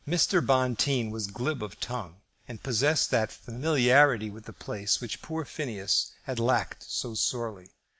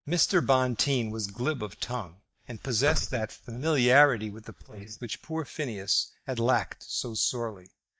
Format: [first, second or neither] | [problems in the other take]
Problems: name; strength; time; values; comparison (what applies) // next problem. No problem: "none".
first | noise reduction (neural mask model DeepFilterNet 3)